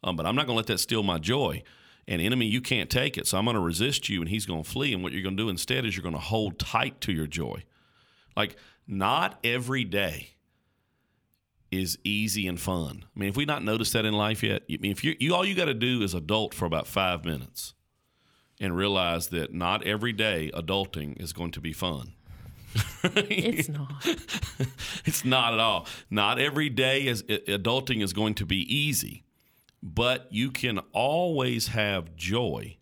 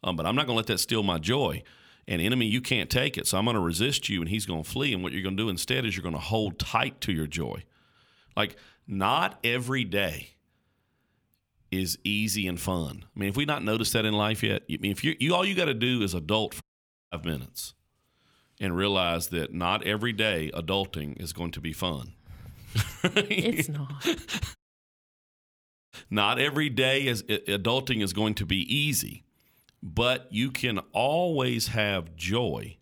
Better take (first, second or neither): first